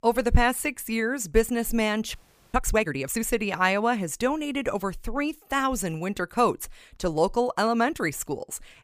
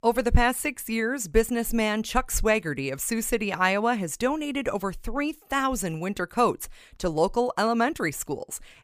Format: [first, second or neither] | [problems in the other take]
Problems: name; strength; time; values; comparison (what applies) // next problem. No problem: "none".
second | audio freezing; at 2 s